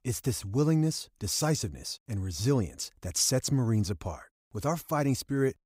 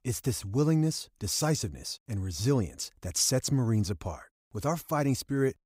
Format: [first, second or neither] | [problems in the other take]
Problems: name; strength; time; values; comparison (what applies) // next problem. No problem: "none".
neither | none